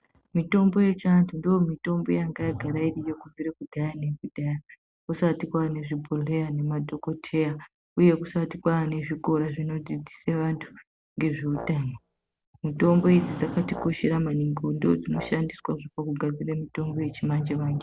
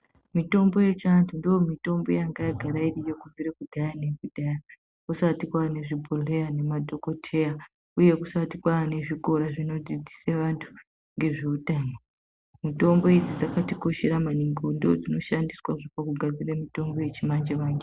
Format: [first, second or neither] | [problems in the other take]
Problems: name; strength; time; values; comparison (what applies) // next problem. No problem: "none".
second | background sound (Brass instrument); 16 dB below the speech